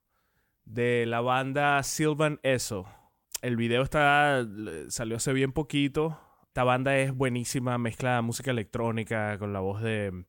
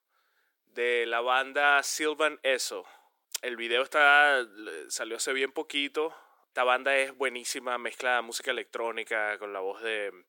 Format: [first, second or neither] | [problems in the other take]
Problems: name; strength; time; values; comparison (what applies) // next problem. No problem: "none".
first | thin; very; fading below 350 Hz